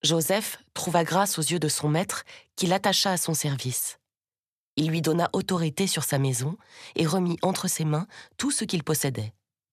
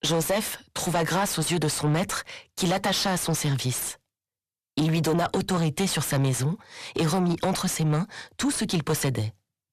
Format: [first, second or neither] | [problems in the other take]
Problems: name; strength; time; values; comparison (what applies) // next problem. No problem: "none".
first | distortion; heavy; 7 dB below the speech